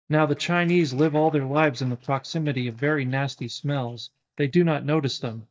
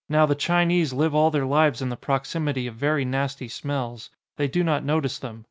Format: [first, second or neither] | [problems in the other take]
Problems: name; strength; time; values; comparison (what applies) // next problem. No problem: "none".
second | noise reduction (neural mask model DeepFilterNet 3)